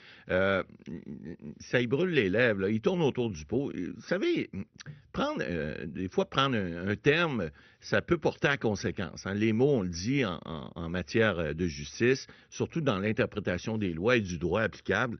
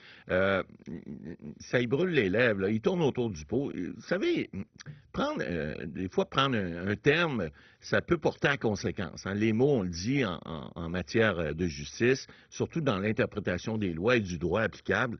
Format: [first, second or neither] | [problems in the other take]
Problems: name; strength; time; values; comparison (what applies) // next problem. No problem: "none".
first | garbled, watery; badly; nothing above 6 kHz; slightly in the first